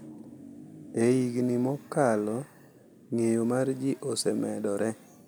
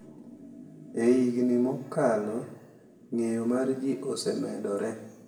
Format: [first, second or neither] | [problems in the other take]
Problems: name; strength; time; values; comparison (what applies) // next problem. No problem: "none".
first | room echo; dies away in 0.8 s